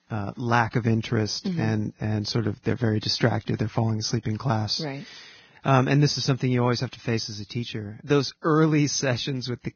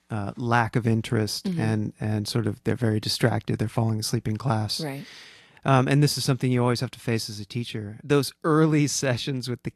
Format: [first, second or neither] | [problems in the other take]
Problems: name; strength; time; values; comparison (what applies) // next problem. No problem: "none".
second | garbled, watery; badly; nothing above 6.5 kHz; slightly in the second